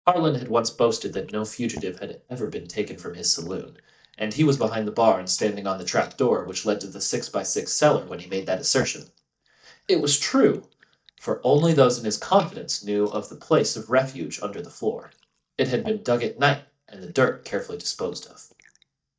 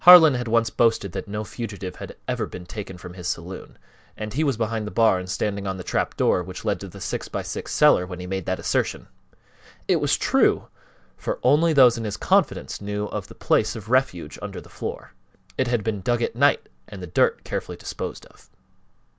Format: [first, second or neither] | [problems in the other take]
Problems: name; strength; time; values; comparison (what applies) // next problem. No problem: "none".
second | noise reduction (neural mask model DeepFilterNet 3)